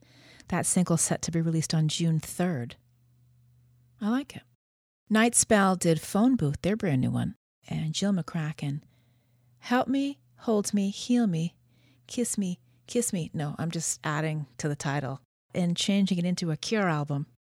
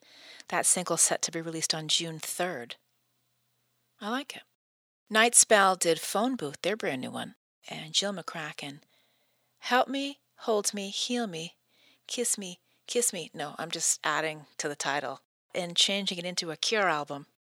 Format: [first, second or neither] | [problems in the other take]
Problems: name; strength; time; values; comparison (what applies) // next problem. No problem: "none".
first | thin; somewhat; fading below 500 Hz